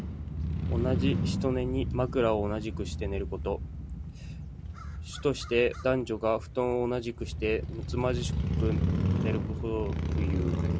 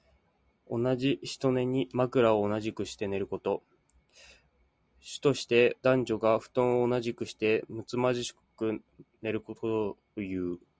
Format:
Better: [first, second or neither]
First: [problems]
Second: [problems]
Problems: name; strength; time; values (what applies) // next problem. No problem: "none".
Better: second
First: background sound (Motorcycle / Crow); as loud as the speech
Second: none